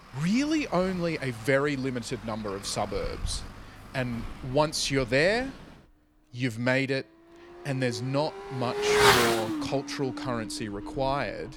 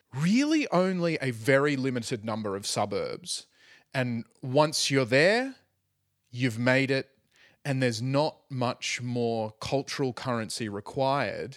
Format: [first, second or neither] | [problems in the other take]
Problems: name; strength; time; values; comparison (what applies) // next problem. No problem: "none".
second | traffic noise; very loud; throughout; 1 dB above the speech